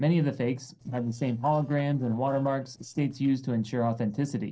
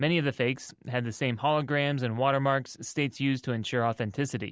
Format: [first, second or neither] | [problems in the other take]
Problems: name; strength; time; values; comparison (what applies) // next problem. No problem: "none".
second | noise reduction (neural separator model SepFormer DNS4)